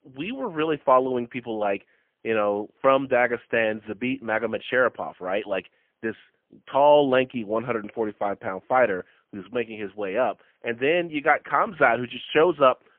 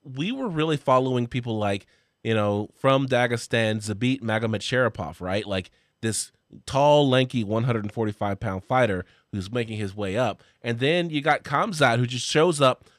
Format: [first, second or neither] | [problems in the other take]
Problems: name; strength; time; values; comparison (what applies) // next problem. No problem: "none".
second | phone-call audio; poor line; nothing above 3 kHz